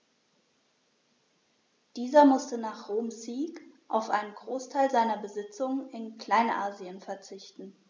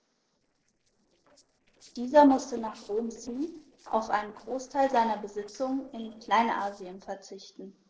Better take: first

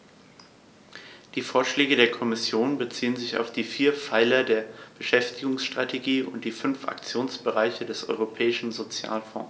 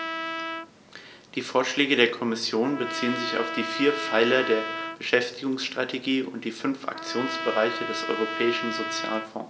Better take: first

